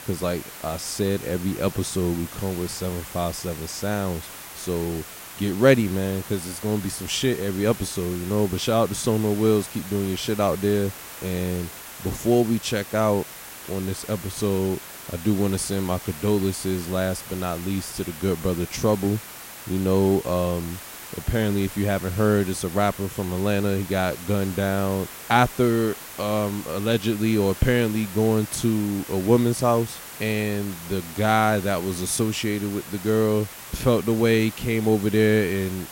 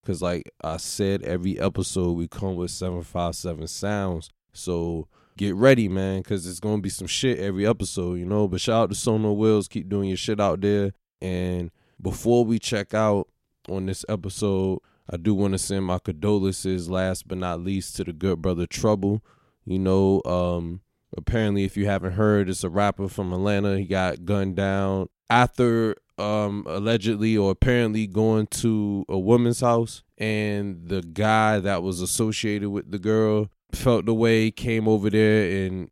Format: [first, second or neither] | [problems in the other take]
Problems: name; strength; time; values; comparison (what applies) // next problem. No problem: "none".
second | hiss; noticeable; throughout; 15 dB below the speech